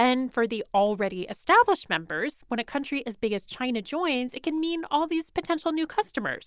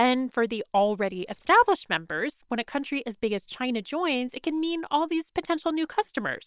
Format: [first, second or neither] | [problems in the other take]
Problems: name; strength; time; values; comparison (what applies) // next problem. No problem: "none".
first | noise reduction (neural separator model SepFormer WHAM!)